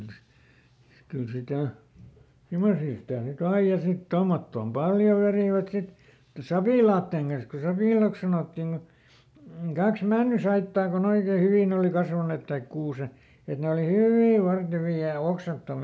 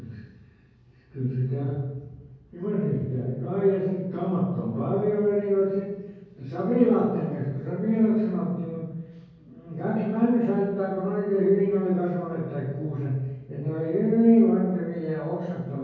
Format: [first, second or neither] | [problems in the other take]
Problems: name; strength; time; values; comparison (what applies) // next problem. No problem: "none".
first | room echo; dies away in 1.3 s